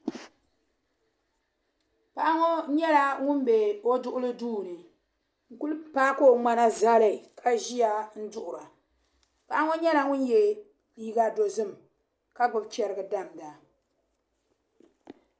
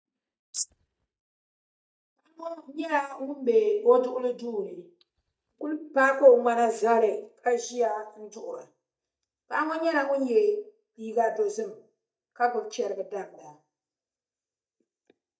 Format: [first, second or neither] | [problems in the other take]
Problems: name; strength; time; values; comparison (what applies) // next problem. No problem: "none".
first | noise reduction (neural mask model DeepFilterNet 3)